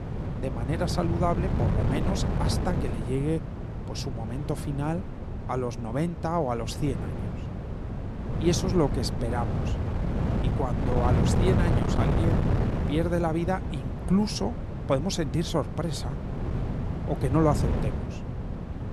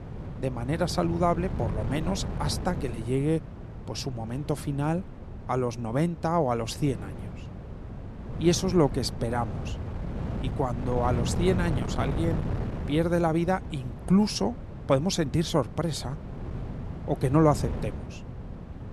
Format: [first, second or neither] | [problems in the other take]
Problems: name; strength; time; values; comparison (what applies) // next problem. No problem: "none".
second | wind noise on the microphone; heavy; 5 dB below the speech; occasional gusts in the second